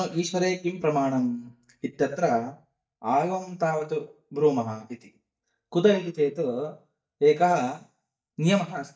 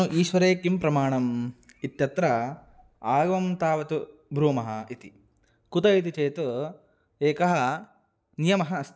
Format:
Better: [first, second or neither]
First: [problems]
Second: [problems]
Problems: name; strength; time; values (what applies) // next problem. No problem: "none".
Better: second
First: noise reduction (neural mask model DeepFilterNet 3)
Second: none